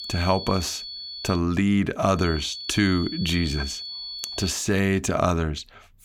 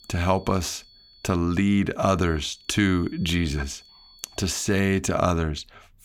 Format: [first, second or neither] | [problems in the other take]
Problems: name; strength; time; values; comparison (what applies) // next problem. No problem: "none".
second | high-pitched whine; loud; until 1.5 s and from 2 to 4.5 s; 4.5 kHz, 9 dB below the speech; faint in the second